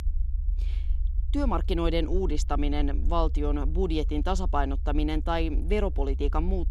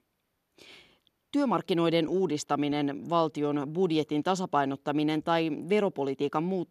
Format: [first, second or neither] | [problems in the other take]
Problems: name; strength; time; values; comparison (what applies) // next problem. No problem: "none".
second | low rumble; faint; throughout; 20 dB below the speech